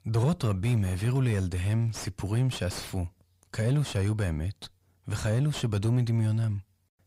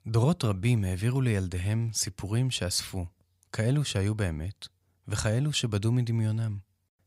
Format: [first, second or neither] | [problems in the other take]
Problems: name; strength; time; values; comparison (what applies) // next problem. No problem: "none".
second | distortion; slight; 10 dB below the speech